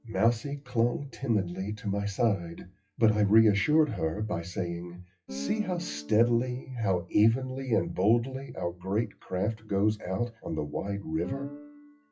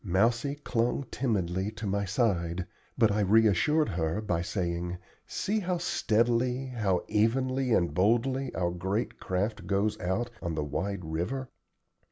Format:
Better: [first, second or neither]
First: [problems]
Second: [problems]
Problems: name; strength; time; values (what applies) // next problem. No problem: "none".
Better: second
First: noise reduction (classical method WPE with log-MMSE)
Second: none